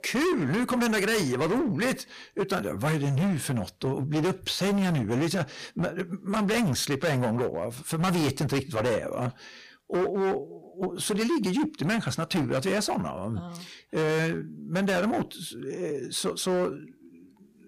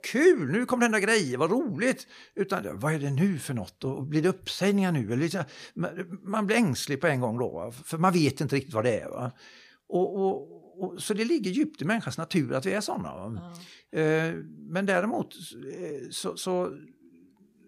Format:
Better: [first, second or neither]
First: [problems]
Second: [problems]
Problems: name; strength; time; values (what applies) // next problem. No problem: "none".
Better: second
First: distortion; heavy; 18% of the sound clipped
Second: none